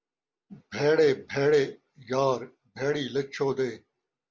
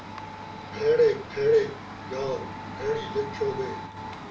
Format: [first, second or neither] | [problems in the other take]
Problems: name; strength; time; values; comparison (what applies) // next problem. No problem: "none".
first | background sound (Domestic sounds, home sounds); 10 dB below the speech // room echo; dies away in 0.3 s